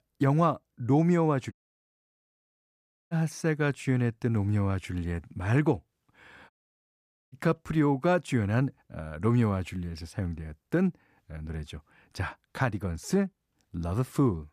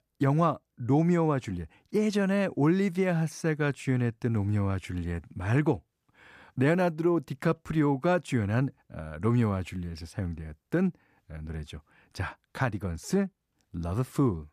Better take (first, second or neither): second